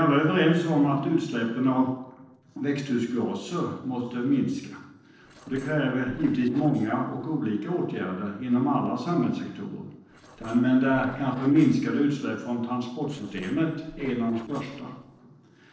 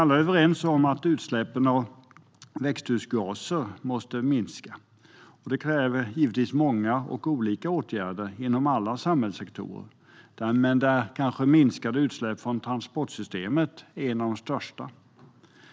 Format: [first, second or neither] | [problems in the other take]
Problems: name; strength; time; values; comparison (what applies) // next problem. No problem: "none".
second | noise reduction (neural separator model SepFormer DNS4)